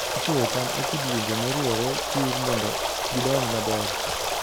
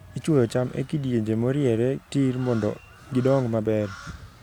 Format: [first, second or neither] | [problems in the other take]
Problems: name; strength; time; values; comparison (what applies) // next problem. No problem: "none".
second | background sound (Stream); 2 dB above the speech